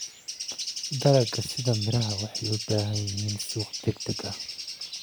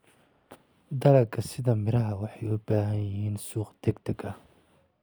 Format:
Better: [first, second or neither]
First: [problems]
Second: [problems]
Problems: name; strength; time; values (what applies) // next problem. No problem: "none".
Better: second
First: background sound (Bird); 6 dB below the speech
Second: none